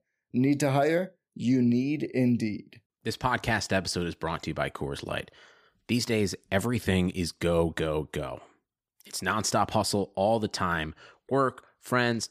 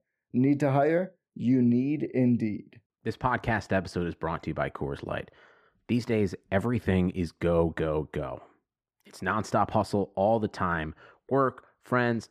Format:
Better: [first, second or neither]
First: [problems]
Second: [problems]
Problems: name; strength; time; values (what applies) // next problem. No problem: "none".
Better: first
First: none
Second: muffled; slightly; fading above 3 kHz